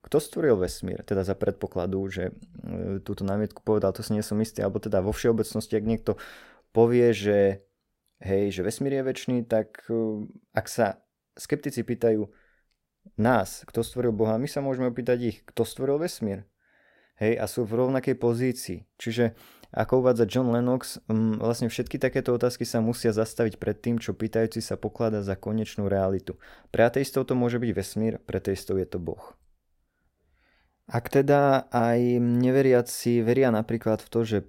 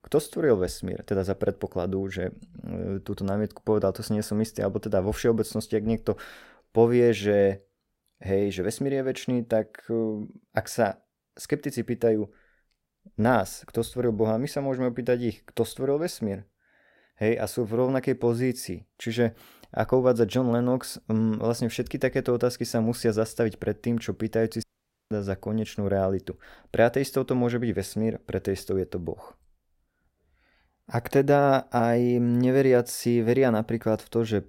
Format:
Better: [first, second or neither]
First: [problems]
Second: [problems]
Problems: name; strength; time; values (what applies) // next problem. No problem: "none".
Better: first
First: none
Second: audio cutting out; at 25 s